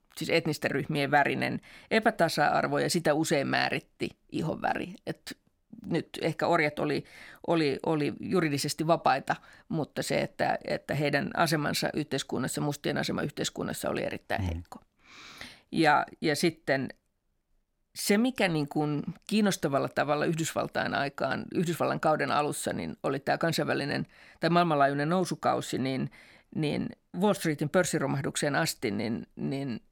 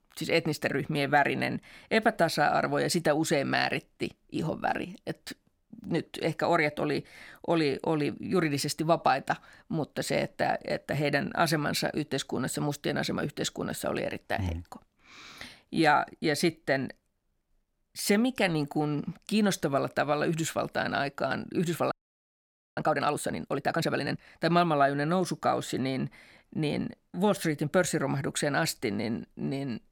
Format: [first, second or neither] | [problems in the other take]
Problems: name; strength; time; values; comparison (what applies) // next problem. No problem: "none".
first | audio freezing; at 22 s for 1 s